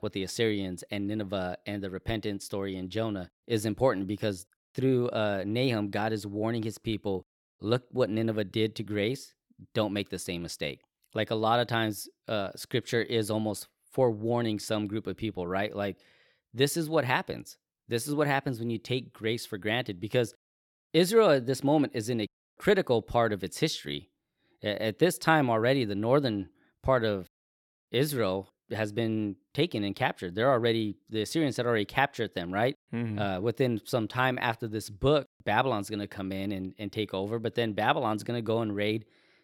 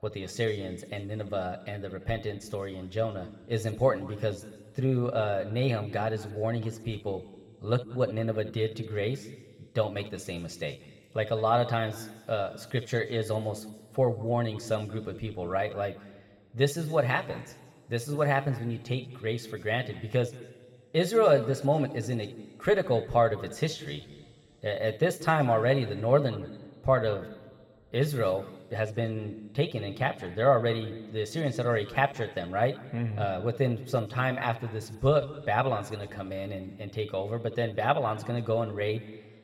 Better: first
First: none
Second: room echo; slight; dies away in 2.2 s

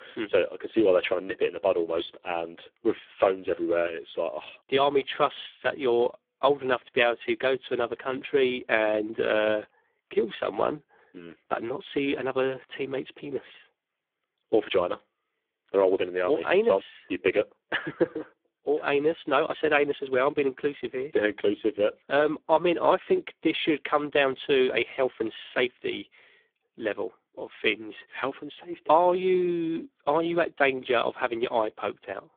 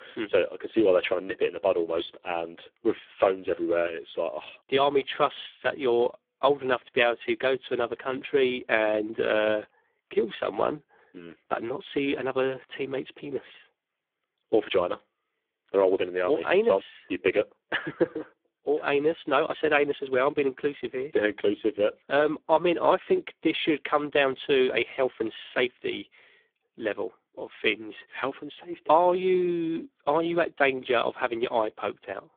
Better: neither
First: phone-call audio; poor line; nothing above 3.5 kHz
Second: phone-call audio; poor line; nothing above 3.5 kHz

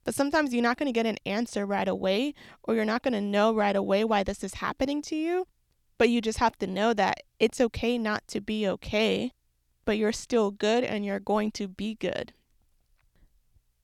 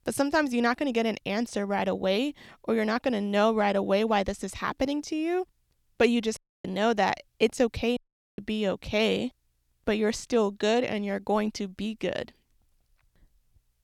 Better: first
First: none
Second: audio cutting out; at 6.5 s and at 8 s

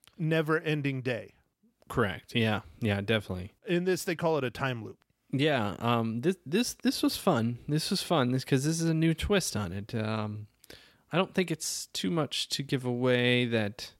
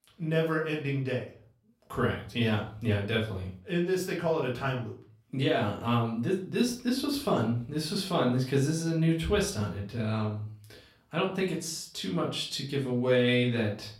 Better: first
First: none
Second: off-mic speech; far // room echo; slight; dies away in 0.4 s

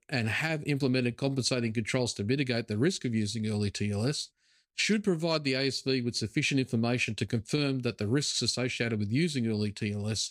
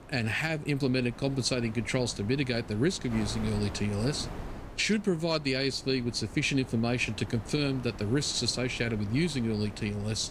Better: first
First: none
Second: wind noise on the microphone; occasional gusts; 15 dB below the speech

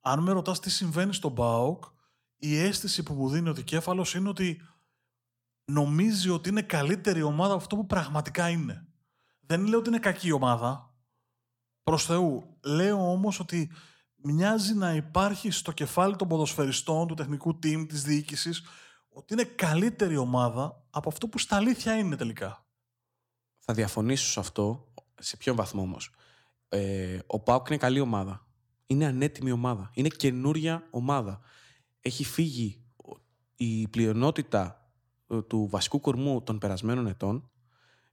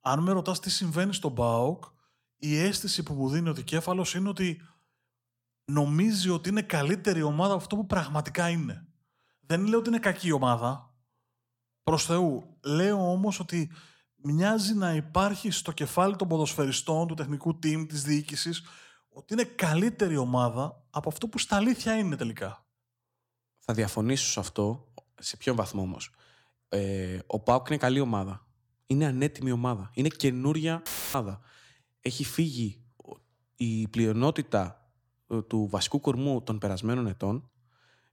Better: first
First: none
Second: audio cutting out; filled with static; at 31 s

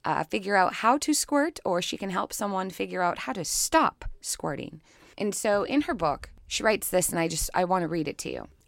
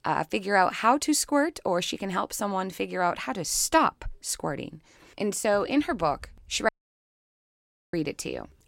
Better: first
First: none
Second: audio cutting out; at 6.5 s for 1 s

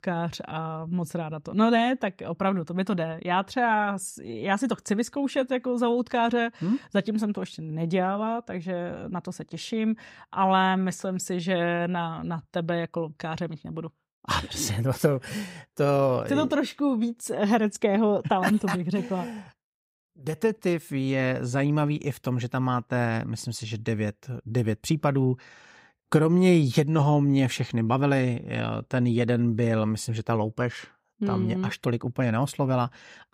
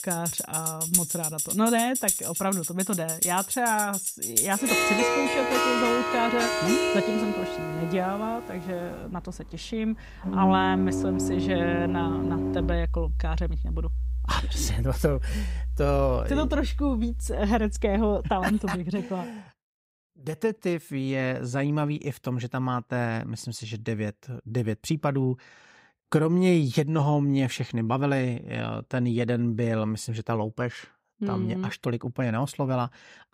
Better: first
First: none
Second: background music; very loud; until 19 s; as loud as the speech

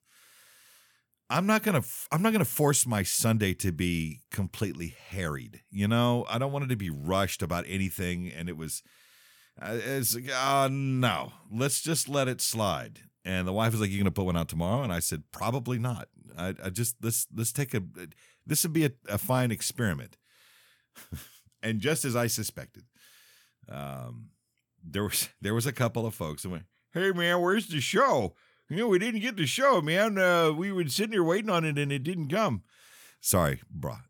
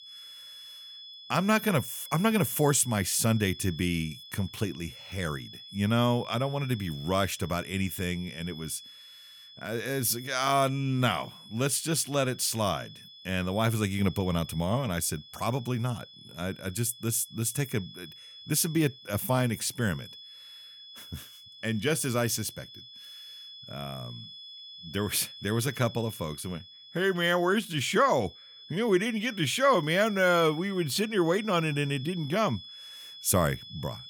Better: first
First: none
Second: high-pitched whine; noticeable; throughout; 3.5 kHz, 15 dB below the speech

